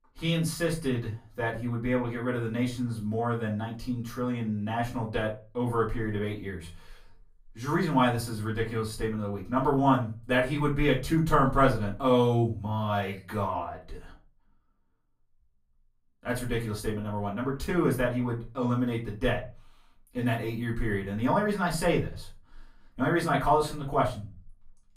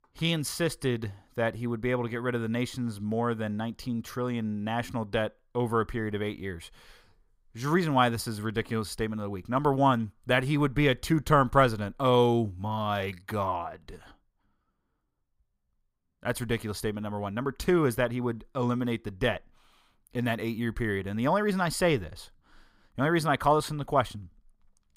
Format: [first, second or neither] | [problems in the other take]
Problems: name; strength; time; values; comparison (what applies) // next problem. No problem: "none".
second | room echo; slight; dies away in 0.3 s // off-mic speech; far